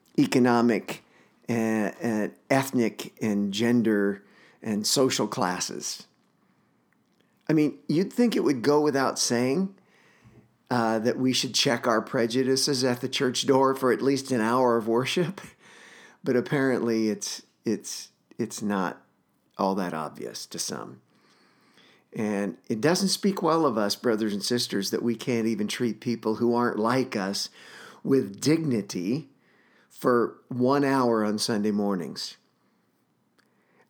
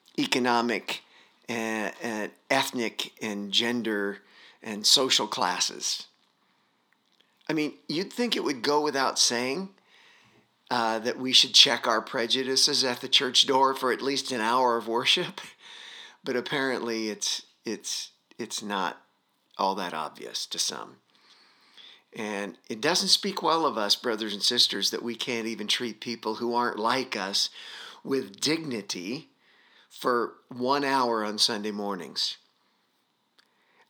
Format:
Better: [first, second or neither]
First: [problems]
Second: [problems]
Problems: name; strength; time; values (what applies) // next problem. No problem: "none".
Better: first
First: none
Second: thin; somewhat; fading below 800 Hz